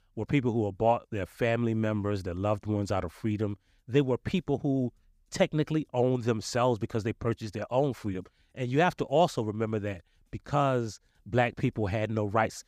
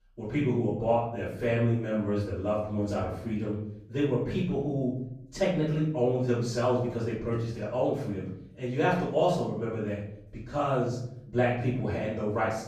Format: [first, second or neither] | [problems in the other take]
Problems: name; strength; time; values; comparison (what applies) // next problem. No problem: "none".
first | off-mic speech; far // room echo; noticeable; dies away in 0.7 s